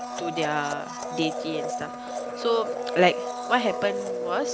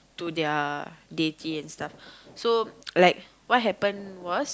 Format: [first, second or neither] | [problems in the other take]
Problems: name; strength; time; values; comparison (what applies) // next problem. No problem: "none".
second | background sound (Domestic sounds, home sounds); 4 dB below the speech